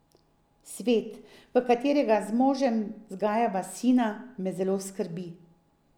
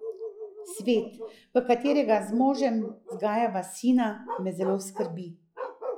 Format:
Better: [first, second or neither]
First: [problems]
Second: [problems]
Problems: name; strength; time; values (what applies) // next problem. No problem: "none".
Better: first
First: none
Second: noise reduction (classical method log-MMSE)